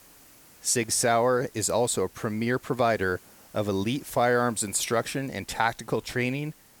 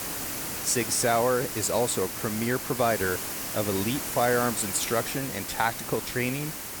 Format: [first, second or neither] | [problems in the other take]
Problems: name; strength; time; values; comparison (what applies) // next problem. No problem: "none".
first | hiss; loud; throughout; 4 dB below the speech; faint in the first